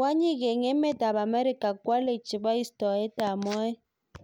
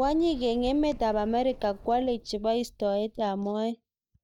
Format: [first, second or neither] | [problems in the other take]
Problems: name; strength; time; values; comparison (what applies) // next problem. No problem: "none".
first | noise reduction (neural mask model DeepFilterNet 3)